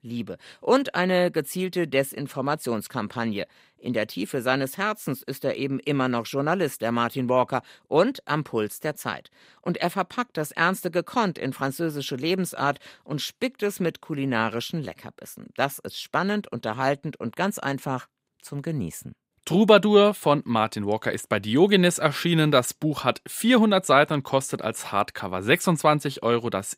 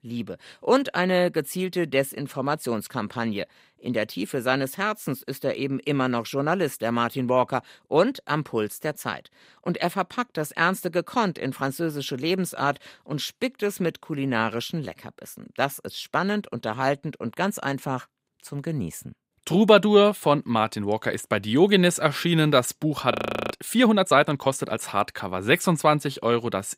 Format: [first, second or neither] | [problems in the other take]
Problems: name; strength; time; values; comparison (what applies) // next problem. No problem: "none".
first | audio freezing; at 23 s